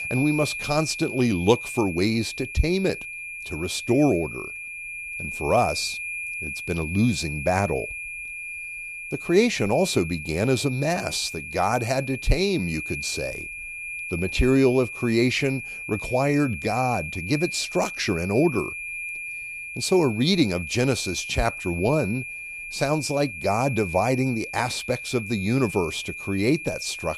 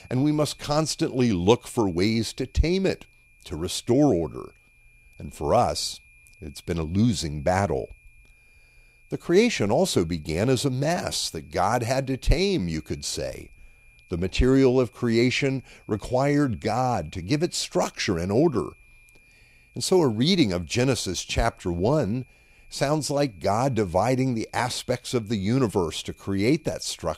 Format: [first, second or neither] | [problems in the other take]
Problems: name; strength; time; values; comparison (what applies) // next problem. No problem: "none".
second | high-pitched whine; loud; throughout; 2.5 kHz, 8 dB below the speech; faint in the second